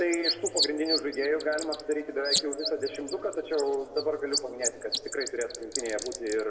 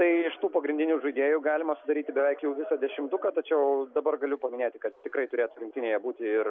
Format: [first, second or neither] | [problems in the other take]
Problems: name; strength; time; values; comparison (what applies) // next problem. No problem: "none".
second | background sound (Bird); 4 dB below the speech // room echo; dies away in 1.6 s